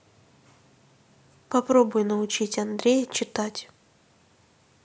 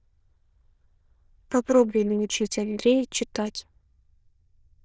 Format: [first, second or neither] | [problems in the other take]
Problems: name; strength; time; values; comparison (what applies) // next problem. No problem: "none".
first | noise reduction (neural diffusion model UNIVERSE++)